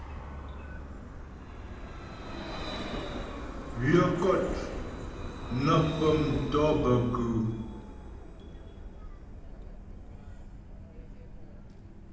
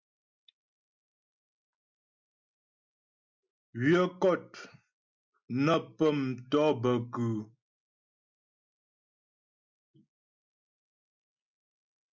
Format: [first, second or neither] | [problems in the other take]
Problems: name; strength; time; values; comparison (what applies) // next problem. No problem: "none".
second | background sound (Vehicle); 7 dB below the speech // room echo; dies away in 0.9 s